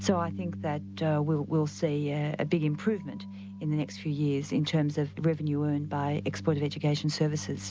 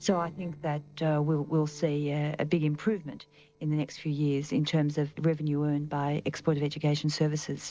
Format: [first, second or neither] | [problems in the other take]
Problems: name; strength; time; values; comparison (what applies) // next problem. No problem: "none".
first | noise reduction (neural separator model SepFormer DNS4)